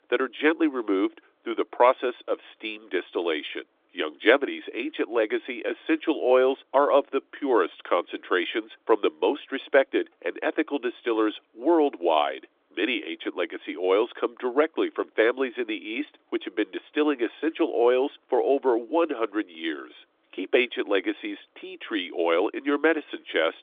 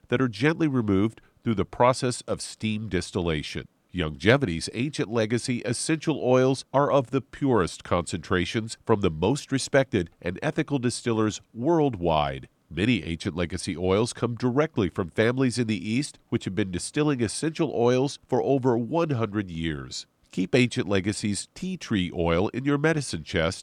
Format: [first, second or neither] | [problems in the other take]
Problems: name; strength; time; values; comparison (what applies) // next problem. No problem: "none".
second | phone-call audio; nothing above 3.5 kHz